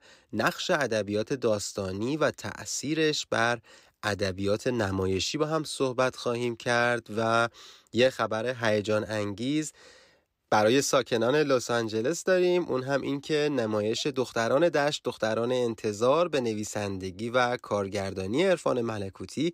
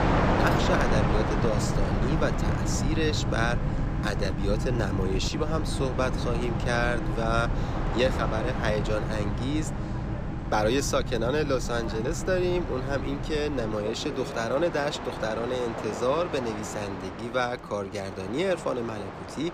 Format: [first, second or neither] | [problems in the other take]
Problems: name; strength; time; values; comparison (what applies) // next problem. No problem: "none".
first | train or aircraft noise; loud; throughout; 1 dB below the speech